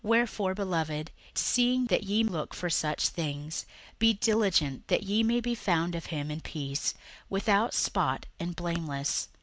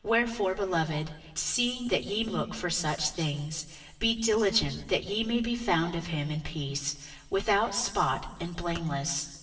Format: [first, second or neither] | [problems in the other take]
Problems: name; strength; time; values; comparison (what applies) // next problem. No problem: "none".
first | room echo; dies away in 1.4 s